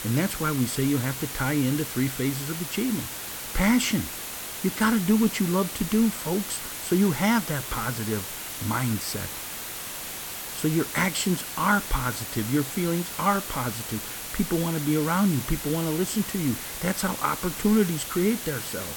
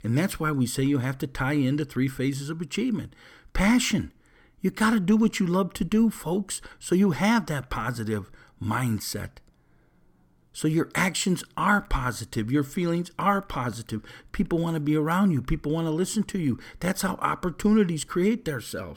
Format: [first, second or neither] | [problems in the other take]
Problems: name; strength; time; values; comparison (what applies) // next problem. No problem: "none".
second | hiss; loud; throughout; 6 dB below the speech